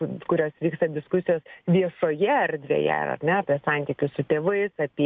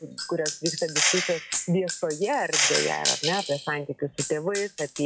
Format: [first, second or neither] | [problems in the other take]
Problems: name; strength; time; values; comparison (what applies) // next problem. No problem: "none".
first | noise reduction (classical method log-MMSE)